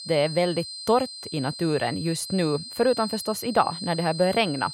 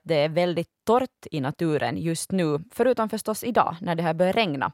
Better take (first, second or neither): second